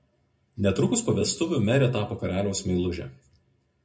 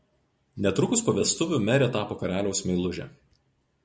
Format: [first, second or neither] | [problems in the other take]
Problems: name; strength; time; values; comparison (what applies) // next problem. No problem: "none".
second | room echo; dies away in 0.2 s